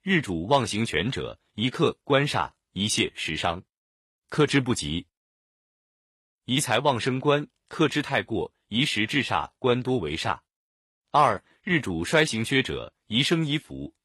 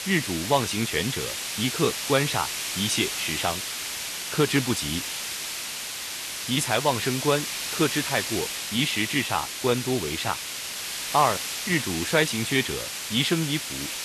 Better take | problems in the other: first | hiss; loud; throughout; 3 dB below the speech

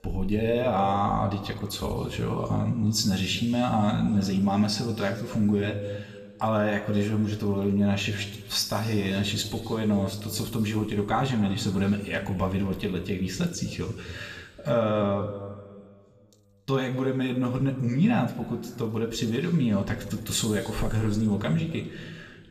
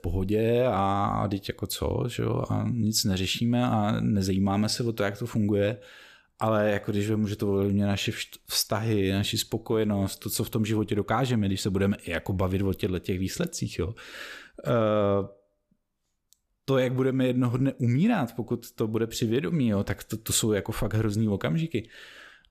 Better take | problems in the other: second | room echo; slight; dies away in 1.9 s // off-mic speech; somewhat distant

